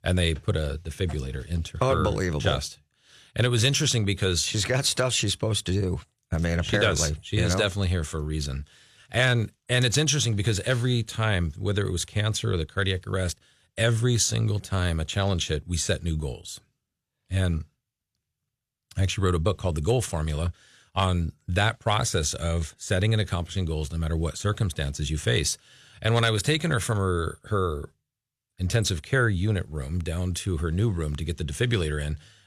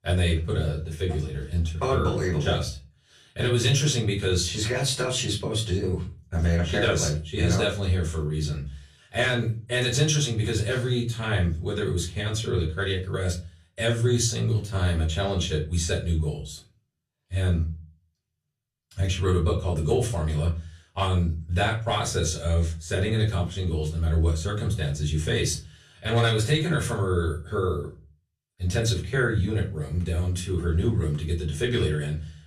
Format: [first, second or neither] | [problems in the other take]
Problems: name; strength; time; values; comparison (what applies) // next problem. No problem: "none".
first | off-mic speech; far // room echo; very slight; dies away in 0.3 s